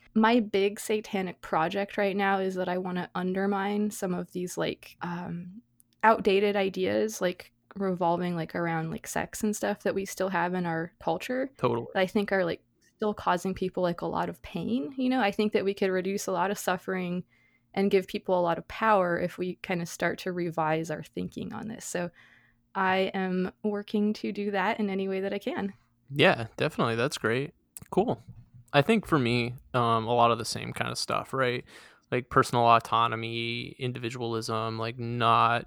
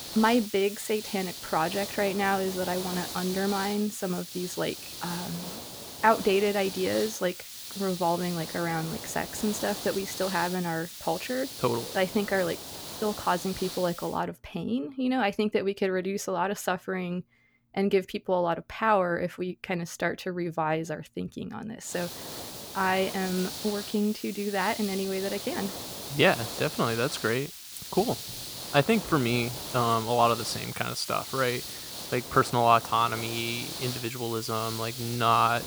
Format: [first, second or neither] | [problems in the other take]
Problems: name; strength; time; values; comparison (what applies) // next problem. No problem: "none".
first | hiss; loud; until 14 s and from 22 s on; 8 dB below the speech